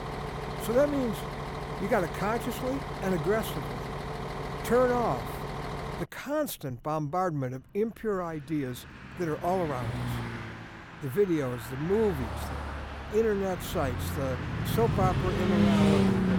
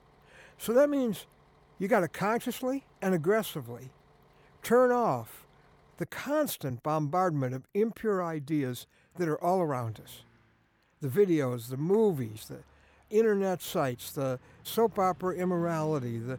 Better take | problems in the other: second | traffic noise; loud; throughout; 2 dB below the speech; faint in the second

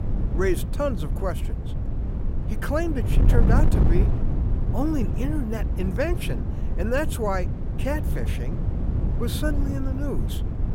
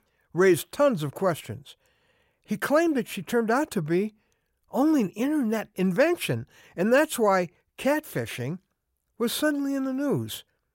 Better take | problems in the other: second | wind noise on the microphone; heavy; 7 dB below the speech

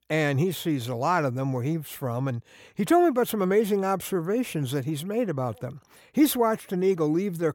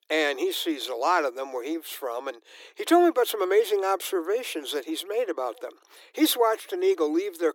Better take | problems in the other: first | thin; very; fading below 300 Hz

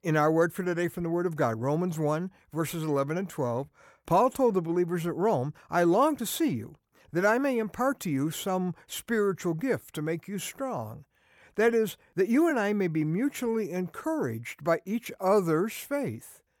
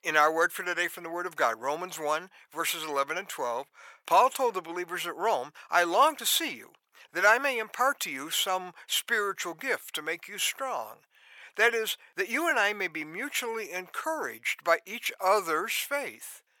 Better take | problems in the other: first | thin; very; fading below 800 Hz

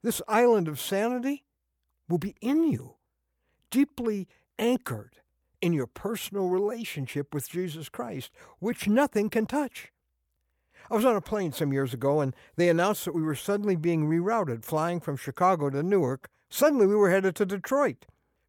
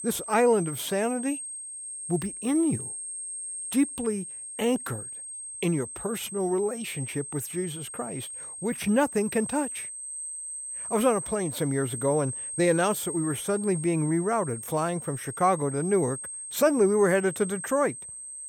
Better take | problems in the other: first | high-pitched whine; loud; throughout; 8.5 kHz, 8 dB below the speech

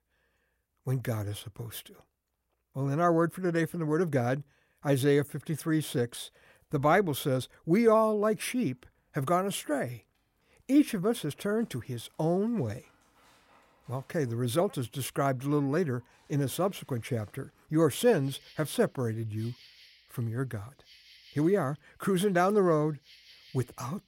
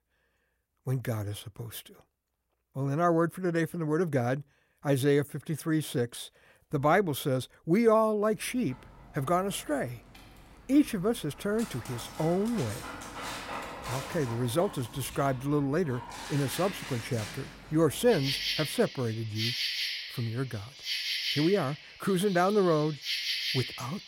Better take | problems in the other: first | animal sounds; loud; from 8.5 s on; 6 dB below the speech; faint in the first

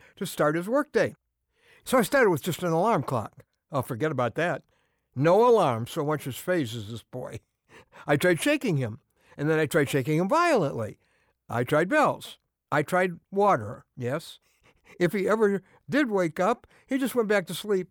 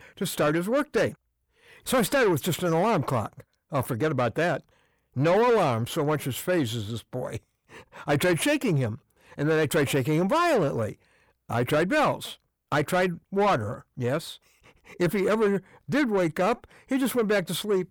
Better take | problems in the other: first | distortion; slight; 10 dB below the speech

